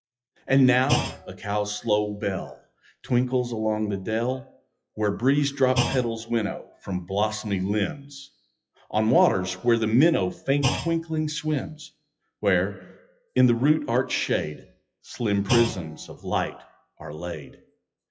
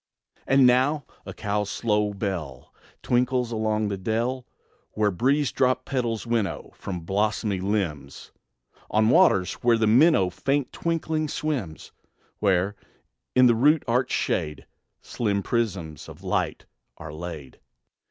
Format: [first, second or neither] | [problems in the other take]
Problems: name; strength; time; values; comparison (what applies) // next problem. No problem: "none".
second | noise reduction (classical method WPE with log-MMSE)